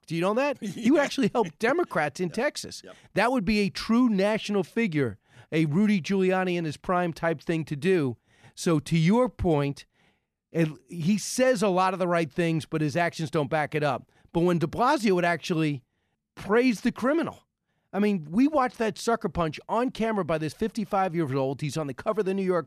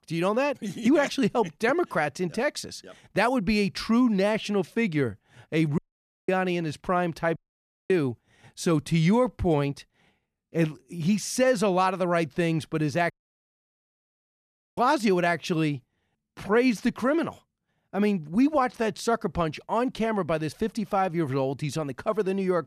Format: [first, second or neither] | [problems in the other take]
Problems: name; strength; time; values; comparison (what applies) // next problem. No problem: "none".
first | audio cutting out; at 6 s for 0.5 s, at 7.5 s for 0.5 s and at 13 s for 1.5 s